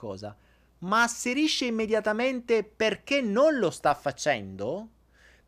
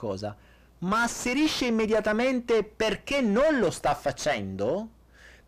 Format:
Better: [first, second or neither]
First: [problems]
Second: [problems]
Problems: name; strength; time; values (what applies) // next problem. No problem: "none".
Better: first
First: none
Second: distortion; heavy; 6 dB below the speech